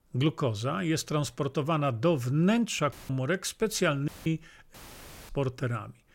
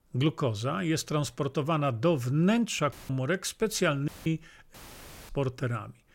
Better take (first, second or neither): neither